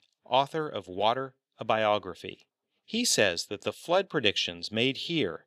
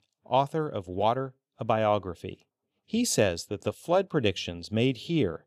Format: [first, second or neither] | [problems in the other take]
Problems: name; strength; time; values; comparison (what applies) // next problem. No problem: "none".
second | thin; very slightly; fading below 550 Hz